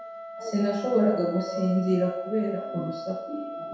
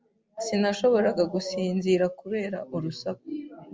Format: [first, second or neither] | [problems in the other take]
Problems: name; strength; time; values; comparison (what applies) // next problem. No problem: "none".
second | background sound (Wind instrument, woodwind instrument); 10 dB below the speech // room echo; dies away in 0.7 s